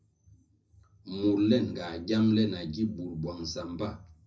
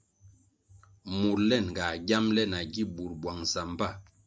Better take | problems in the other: second | room echo; dies away in 0.4 s

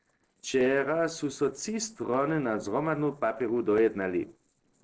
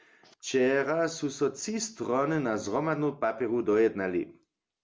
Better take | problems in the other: second | noise reduction (neural separator model SepFormer DNS4)

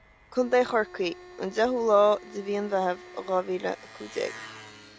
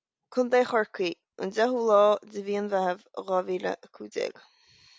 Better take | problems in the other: second | background sound (Engine + Organ); 19 dB below the speech

